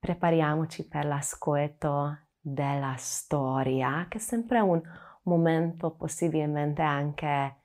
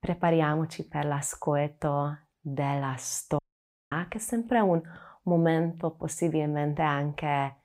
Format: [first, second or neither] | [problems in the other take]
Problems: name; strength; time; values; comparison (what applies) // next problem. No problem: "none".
first | audio cutting out; at 3.5 s for 0.5 s